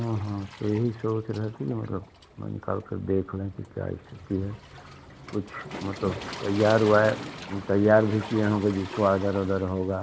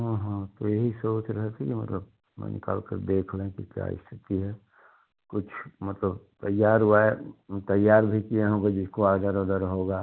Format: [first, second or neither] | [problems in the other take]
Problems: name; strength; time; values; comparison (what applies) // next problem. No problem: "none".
second | background sound (Waves, surf); 14 dB below the speech